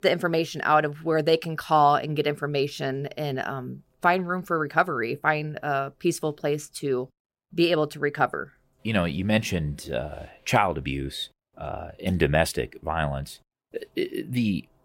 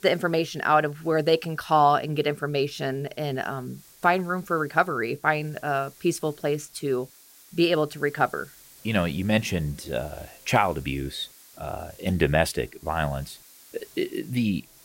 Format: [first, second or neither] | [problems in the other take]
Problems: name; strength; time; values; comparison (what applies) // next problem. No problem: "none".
first | hiss; faint; throughout; 25 dB below the speech